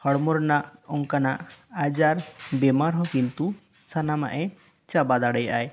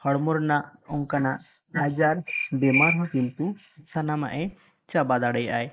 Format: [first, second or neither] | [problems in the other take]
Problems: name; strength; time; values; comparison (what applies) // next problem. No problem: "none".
first | noise reduction (neural mask model Resemble Enhance denoiser)